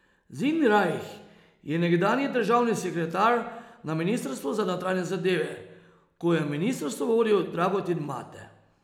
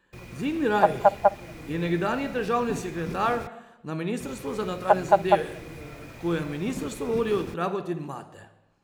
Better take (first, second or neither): first